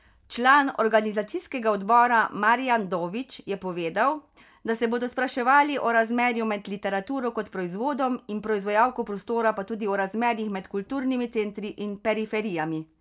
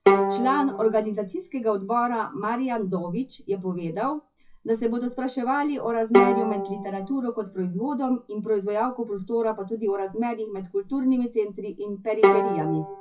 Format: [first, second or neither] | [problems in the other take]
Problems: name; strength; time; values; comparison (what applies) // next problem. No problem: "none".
first | noise reduction (classical method WPE with log-MMSE)